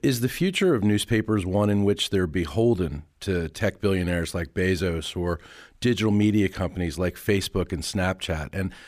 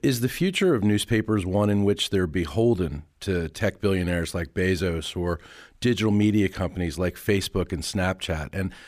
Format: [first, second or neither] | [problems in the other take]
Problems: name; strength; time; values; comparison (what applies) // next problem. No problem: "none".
neither | none